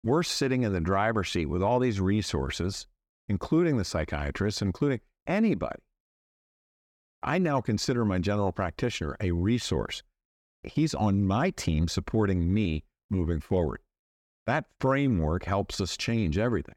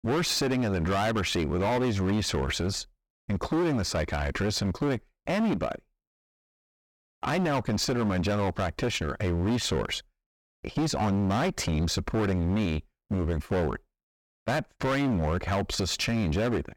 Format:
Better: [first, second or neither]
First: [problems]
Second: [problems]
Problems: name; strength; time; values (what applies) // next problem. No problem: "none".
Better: first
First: none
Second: distortion; heavy; 19% of the sound clipped